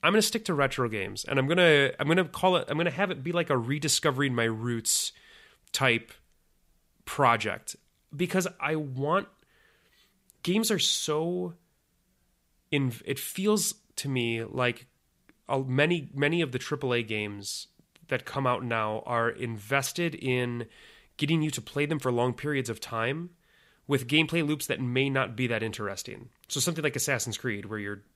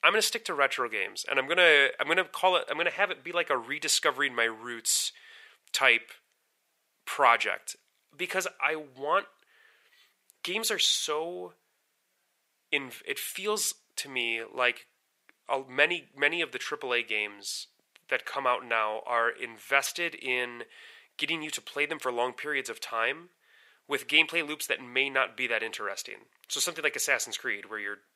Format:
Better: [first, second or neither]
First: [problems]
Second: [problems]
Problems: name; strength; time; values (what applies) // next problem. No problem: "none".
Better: first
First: none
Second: thin; very; fading below 600 Hz